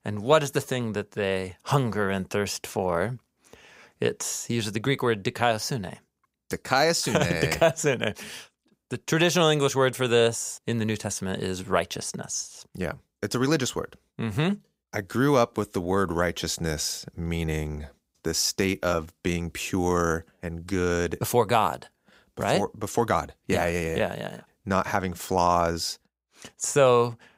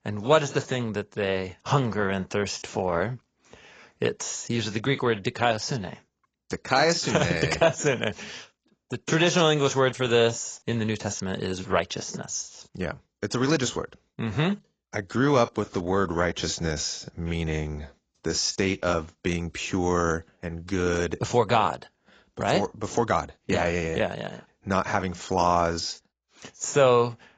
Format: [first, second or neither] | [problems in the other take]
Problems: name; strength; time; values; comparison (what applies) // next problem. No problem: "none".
first | garbled, watery; badly; nothing above 7.5 kHz